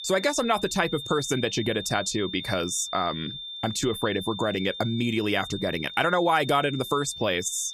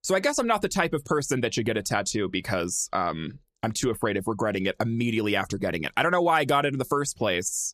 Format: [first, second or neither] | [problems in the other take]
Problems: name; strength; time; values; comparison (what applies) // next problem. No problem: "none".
second | high-pitched whine; loud; throughout; 3.5 kHz, 9 dB below the speech